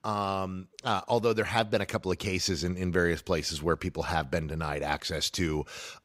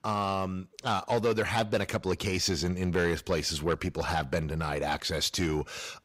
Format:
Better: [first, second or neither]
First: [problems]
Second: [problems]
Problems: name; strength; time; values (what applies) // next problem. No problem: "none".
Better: first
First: none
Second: distortion; slight; 10 dB below the speech